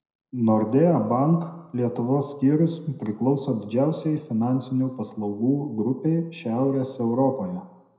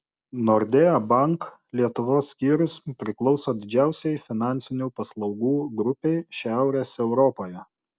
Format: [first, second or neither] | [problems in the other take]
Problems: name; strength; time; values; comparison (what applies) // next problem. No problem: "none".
second | room echo; dies away in 0.7 s